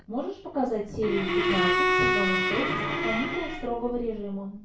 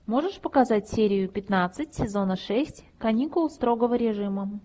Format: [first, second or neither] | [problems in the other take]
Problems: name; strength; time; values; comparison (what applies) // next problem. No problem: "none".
second | background sound (Bowed string instrument); 4 dB above the speech // room echo; dies away in 0.3 s